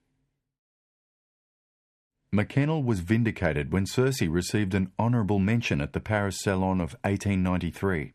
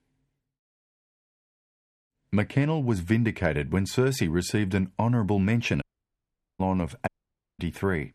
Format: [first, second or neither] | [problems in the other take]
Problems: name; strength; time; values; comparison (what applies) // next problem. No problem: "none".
first | audio cutting out; at 6 s for 1 s and at 7 s for 0.5 s